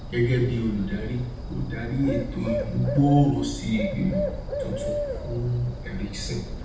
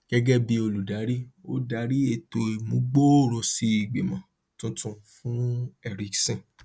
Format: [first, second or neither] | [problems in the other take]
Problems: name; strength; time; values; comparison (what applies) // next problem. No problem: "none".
second | background sound (Bird); 6 dB below the speech // room echo; dies away in 0.9 s